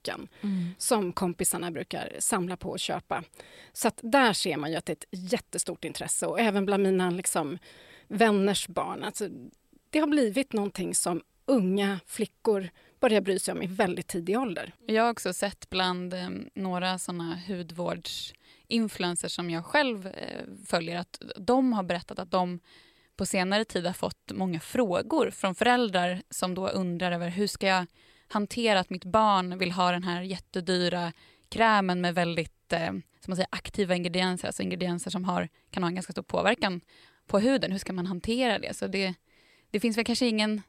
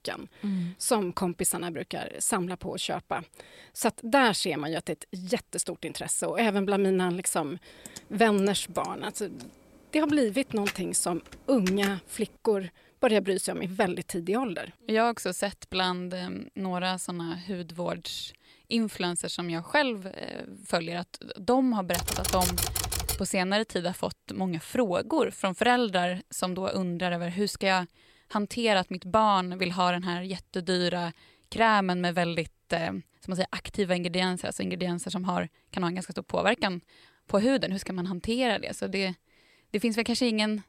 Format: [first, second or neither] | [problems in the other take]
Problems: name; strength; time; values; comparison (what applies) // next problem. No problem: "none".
first | keyboard typing; noticeable; from 8 to 12 s; peak 6 dB below the speech // keyboard typing; loud; from 22 to 23 s; peak 2 dB above the speech